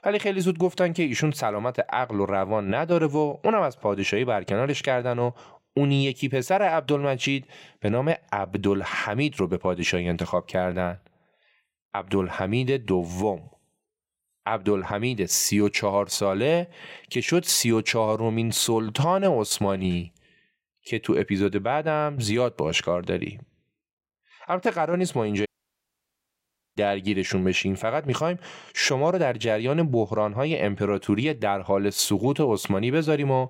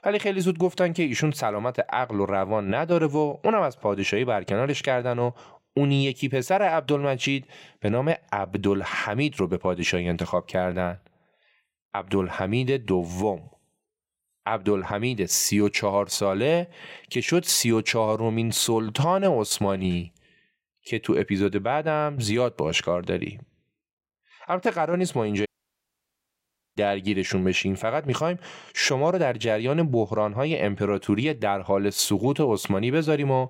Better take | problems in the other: neither | audio cutting out; at 25 s for 1.5 s; the same in both

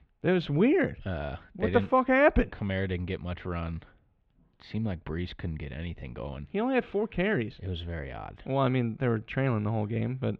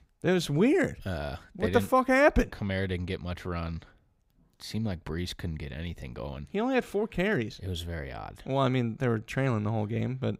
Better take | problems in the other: second | muffled; slightly; fading above 3 kHz

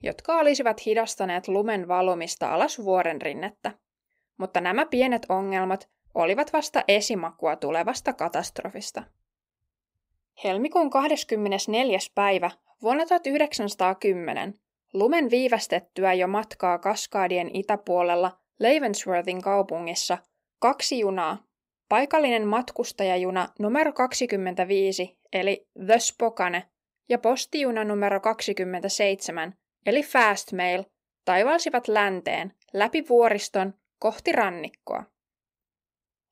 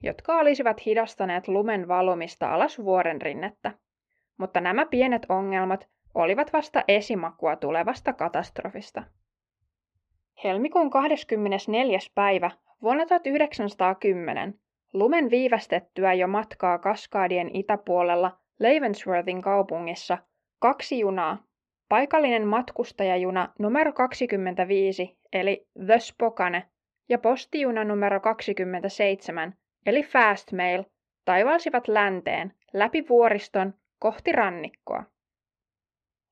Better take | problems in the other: first | muffled; slightly; fading above 2.5 kHz

